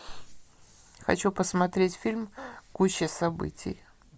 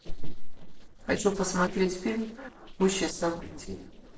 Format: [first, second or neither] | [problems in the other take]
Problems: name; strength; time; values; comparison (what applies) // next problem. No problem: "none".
first | noise reduction (neural separator model SepFormer DNS4)